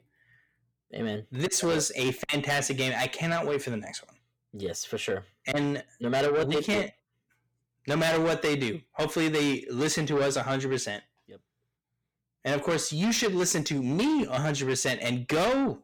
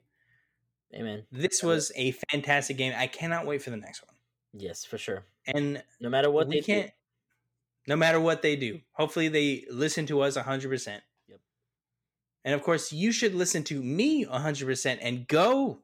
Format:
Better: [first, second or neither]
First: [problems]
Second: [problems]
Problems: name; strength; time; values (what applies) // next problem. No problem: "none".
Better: second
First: distortion; heavy; 7 dB below the speech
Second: none